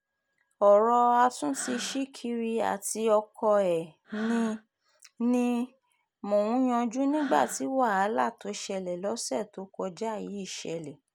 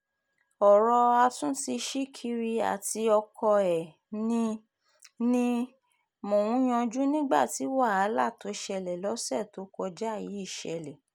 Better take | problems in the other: second | background sound (Breathing); 18 dB below the speech

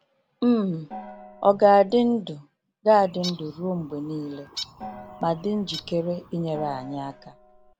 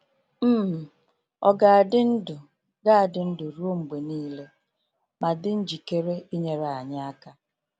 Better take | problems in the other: second | background sound (Bird + Gong); 16 dB below the speech

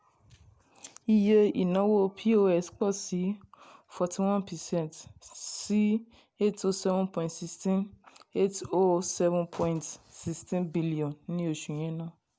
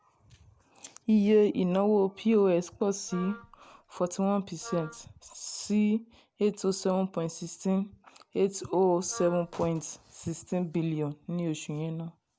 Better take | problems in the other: first | background sound (Wind instrument, woodwind instrument); 18 dB below the speech

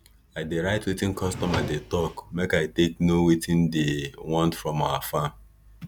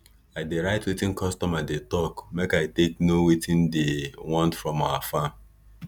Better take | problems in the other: second | background sound (Drawer open or close); 9 dB below the speech

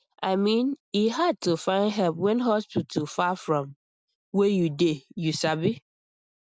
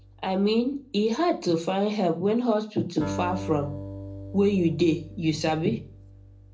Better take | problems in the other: first | background sound (Acoustic guitar); 13 dB below the speech // room echo; dies away in 0.3 s

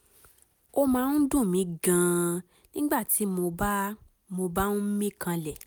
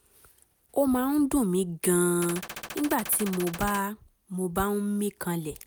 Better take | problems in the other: first | background sound (Gunshot, gunfire); 12 dB below the speech

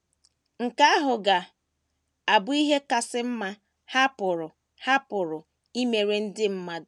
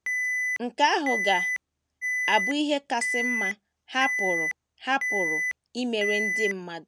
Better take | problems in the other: first | background sound (Alarm); 1 dB below the speech

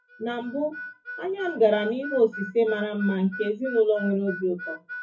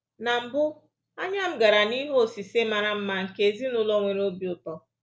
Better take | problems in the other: second | noise reduction (classical method WPE with log-MMSE)

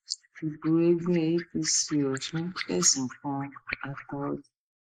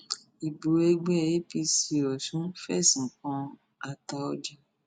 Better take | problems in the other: second | noise reduction (neural mask model Resemble Enhance denoiser)

